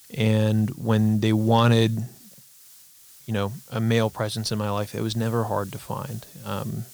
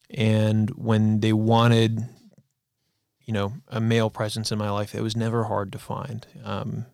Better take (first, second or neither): second